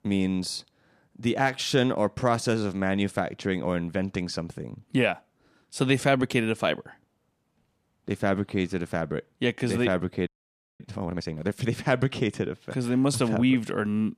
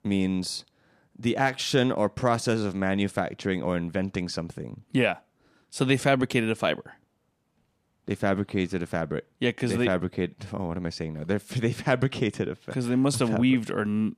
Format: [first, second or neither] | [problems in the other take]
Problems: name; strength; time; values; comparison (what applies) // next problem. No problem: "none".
second | audio freezing; at 10 s for 0.5 s